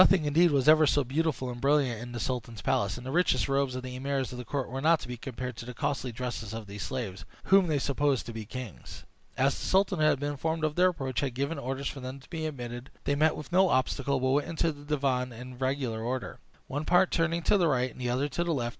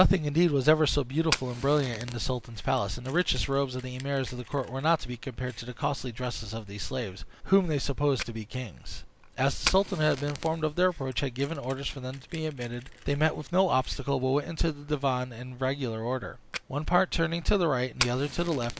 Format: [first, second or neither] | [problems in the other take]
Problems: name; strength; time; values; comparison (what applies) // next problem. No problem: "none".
first | background sound (Fire); 15 dB below the speech